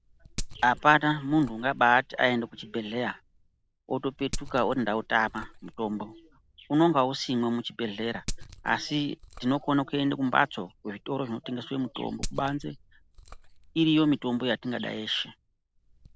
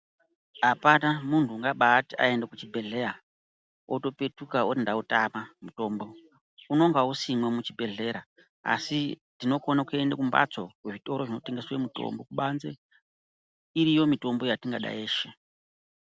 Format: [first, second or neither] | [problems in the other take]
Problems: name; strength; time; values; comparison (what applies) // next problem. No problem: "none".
second | background sound (Glass); 15 dB below the speech